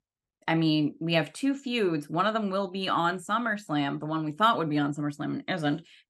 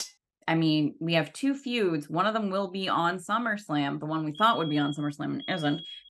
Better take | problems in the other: first | clattering dishes; faint; at the start; peak 10 dB below the speech // alarm; faint; from 4.5 s on; peak 10 dB below the speech

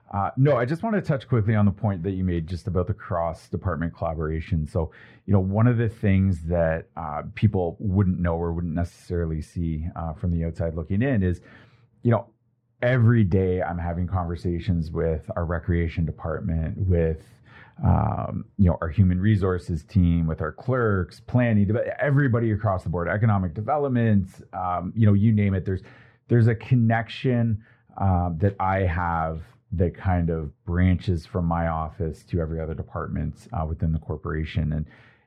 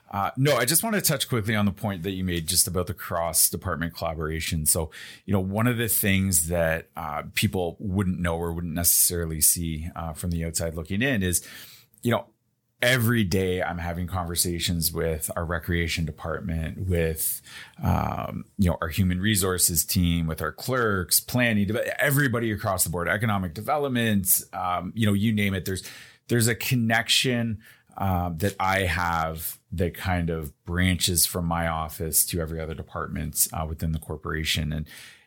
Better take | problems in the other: second | muffled; very; fading above 1 kHz

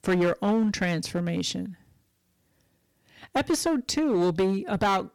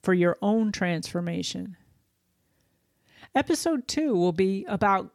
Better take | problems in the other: second | distortion; slight; 9% of the sound clipped

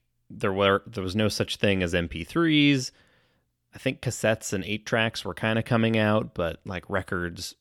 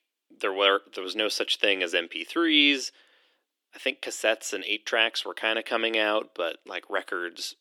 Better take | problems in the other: first | thin; somewhat; fading below 300 Hz

